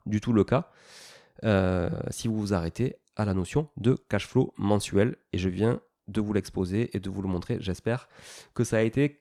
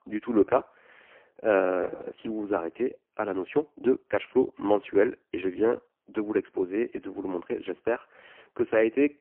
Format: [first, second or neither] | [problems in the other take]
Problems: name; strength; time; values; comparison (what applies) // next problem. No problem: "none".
first | phone-call audio; poor line